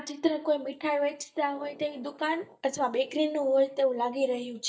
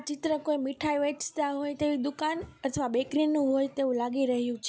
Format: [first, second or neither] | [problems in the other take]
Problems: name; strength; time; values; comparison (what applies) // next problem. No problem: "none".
second | noise reduction (neural mask model DeepFilterNet 3)